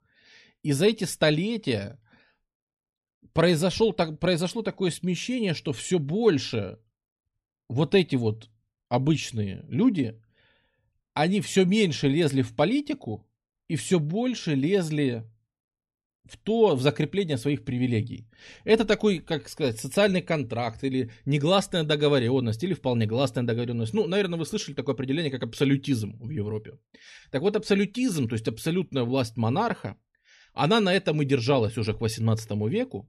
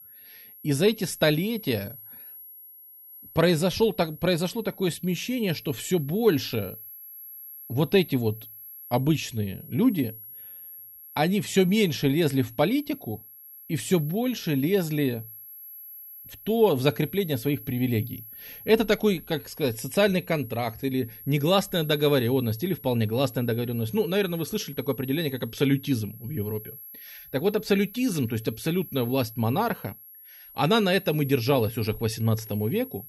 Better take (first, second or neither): first